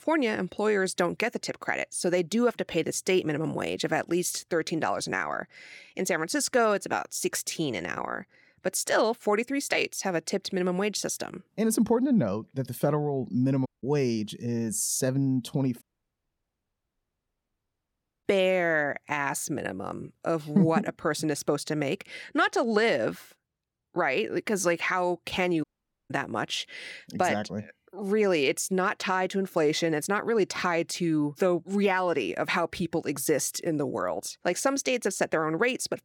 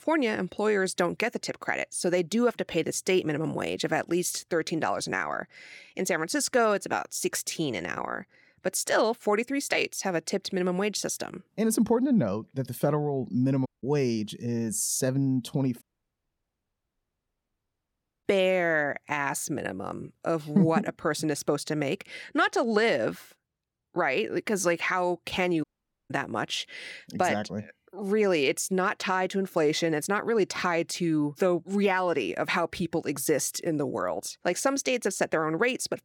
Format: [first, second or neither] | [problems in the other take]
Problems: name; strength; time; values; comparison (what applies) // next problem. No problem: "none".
neither | audio cutting out; at 14 s, at 16 s for 2.5 s and at 26 s; the same in both